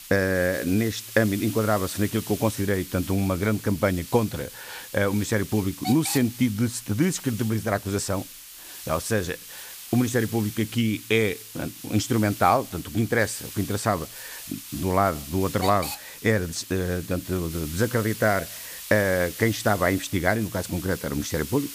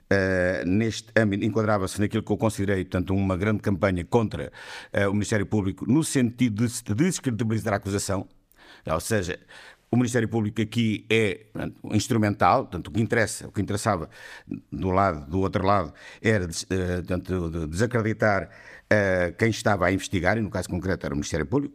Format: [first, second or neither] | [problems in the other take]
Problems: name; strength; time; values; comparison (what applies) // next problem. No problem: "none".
second | hiss; noticeable; throughout; 10 dB below the speech